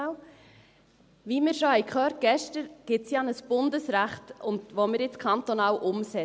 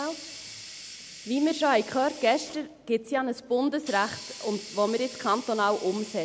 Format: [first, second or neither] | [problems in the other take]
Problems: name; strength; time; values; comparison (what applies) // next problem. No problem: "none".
first | background sound (Hiss); 16 dB below the speech